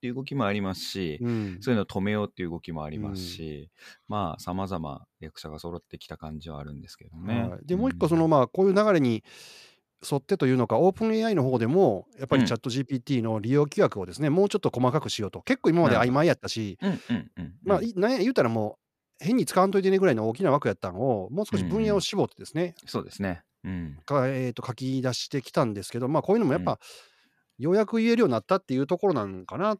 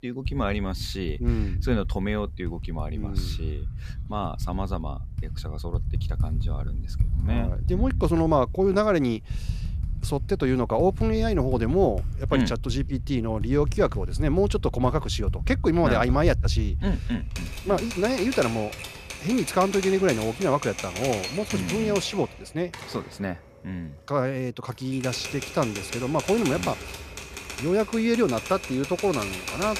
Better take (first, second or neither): first